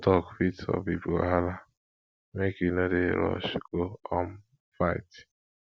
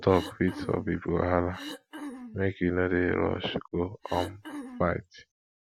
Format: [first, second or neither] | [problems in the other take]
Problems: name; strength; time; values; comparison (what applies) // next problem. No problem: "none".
first | background sound (Cough); 13 dB below the speech